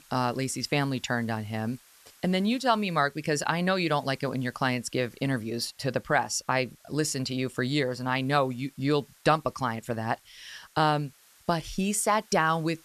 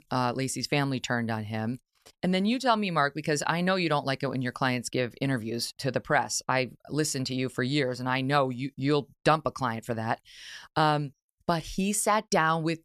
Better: second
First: hiss; faint; throughout; 30 dB below the speech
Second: none

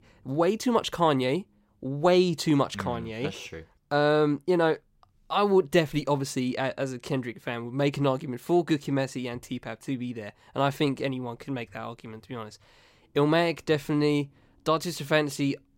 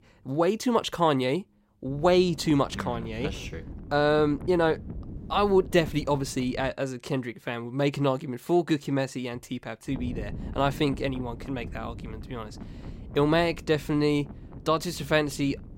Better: first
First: none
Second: wind noise on the microphone; occasional gusts; from 2 to 6.5 s and from 10 s on; 20 dB below the speech

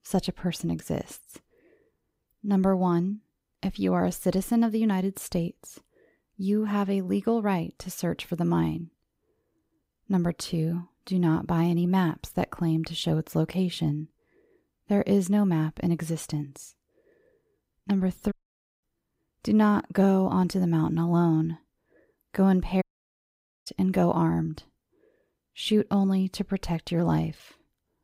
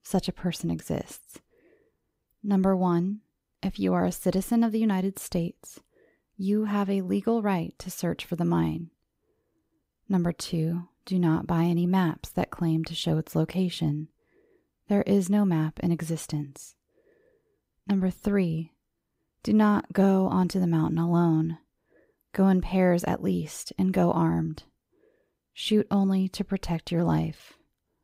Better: second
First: audio cutting out; at 18 s for 0.5 s and at 23 s for 1 s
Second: none

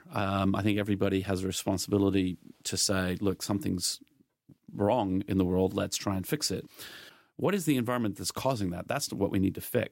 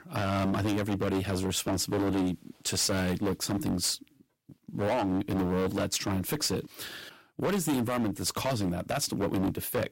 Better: first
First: none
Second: distortion; heavy; 16% of the sound clipped

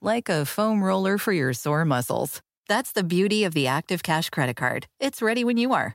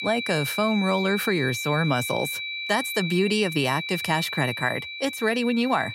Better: first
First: none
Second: high-pitched whine; loud; throughout; 2.5 kHz, 5 dB below the speech

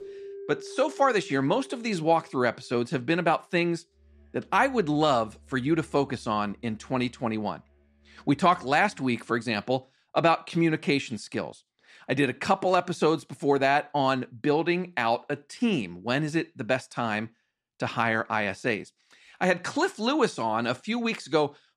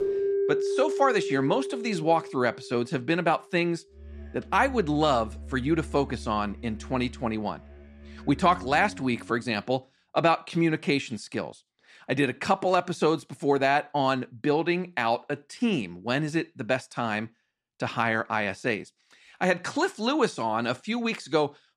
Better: first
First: background music; faint; until 9 s; 20 dB below the speech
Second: background music; loud; until 9 s; 7 dB below the speech

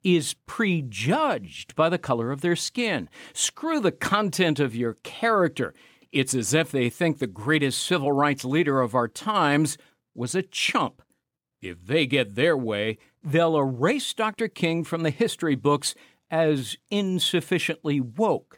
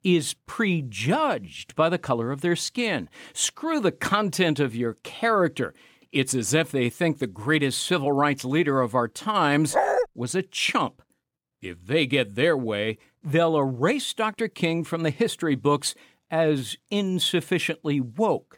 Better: first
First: none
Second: dog barking; loud; at 9.5 s; peak 2 dB above the speech

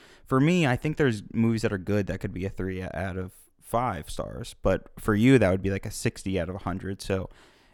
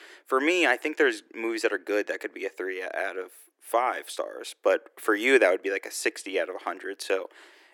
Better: first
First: none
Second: thin; very; fading below 300 Hz

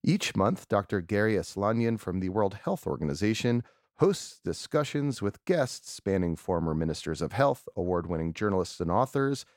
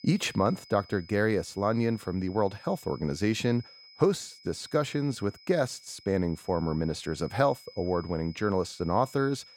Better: first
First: none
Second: high-pitched whine; faint; throughout; 5 kHz, 20 dB below the speech

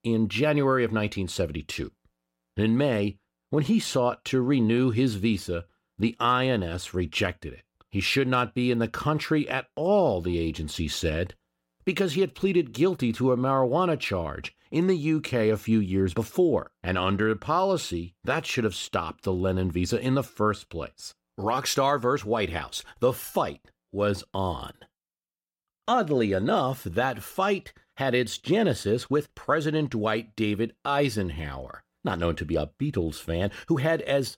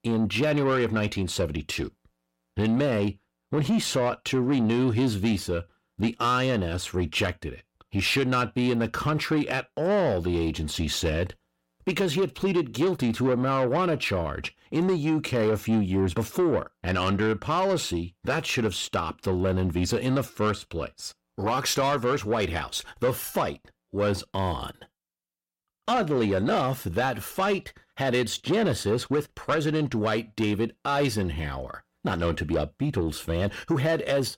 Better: first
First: none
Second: distortion; slight; 10 dB below the speech

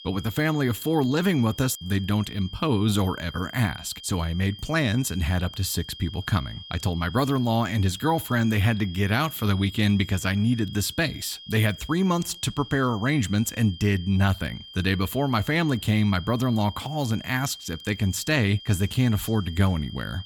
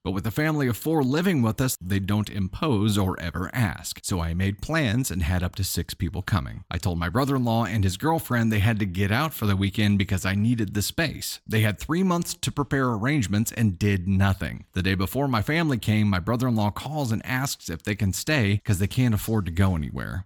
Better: second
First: high-pitched whine; noticeable; throughout; 3 kHz, 15 dB below the speech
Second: none

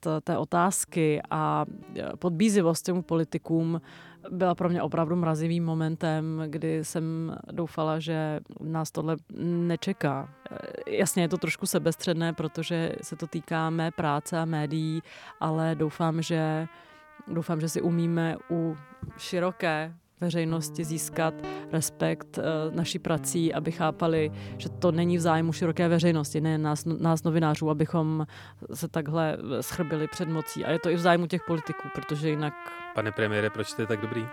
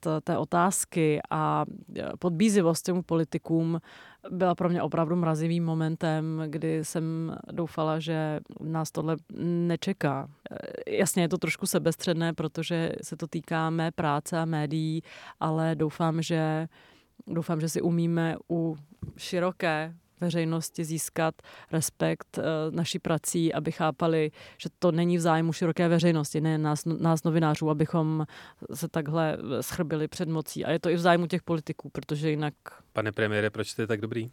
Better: second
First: background music; noticeable; throughout; 15 dB below the speech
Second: none

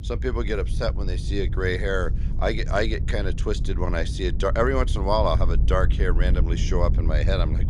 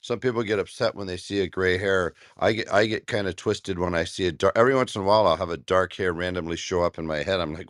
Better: second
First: low rumble; noticeable; throughout; 15 dB below the speech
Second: none

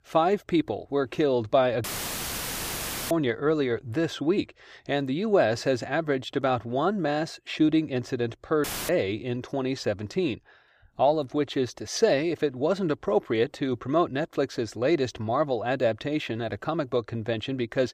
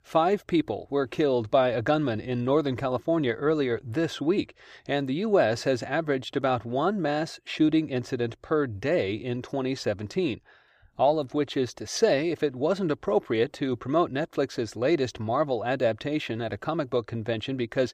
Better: second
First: audio cutting out; filled with static; at 2 s for 1.5 s and at 8.5 s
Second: none

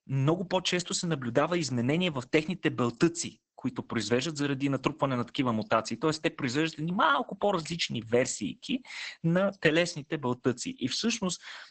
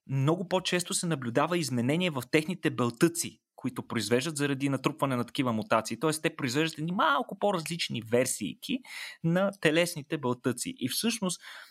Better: second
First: garbled, watery; badly; nothing above 8 kHz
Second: none

